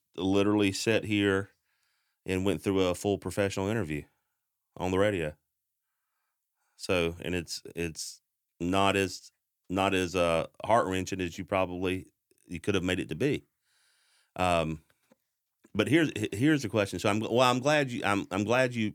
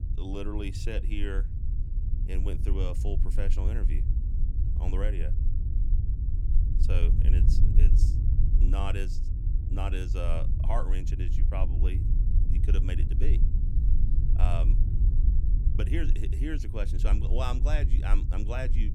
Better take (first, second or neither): first